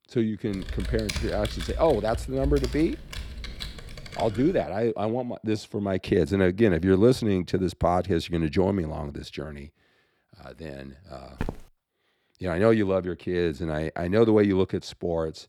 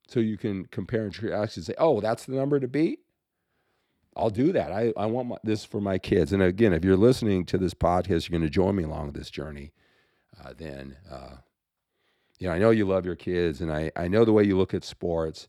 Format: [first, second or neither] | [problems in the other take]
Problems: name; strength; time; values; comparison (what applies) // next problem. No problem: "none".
second | keyboard typing; noticeable; from 0.5 to 4.5 s; peak 6 dB below the speech // footsteps; faint; at 11 s; peak 10 dB below the speech